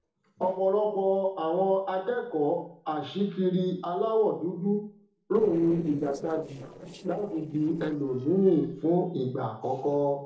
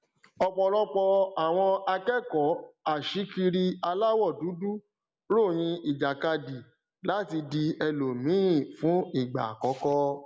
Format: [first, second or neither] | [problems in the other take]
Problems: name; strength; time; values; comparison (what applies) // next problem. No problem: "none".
second | noise reduction (neural separator model SepFormer DNS4)